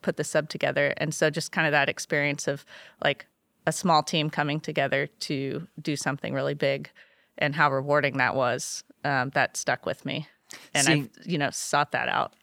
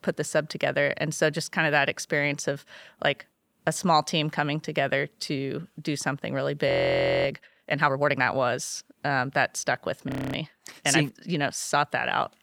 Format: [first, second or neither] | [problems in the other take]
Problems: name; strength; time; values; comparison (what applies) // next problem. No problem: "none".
first | audio freezing; at 6.5 s for 0.5 s and at 10 s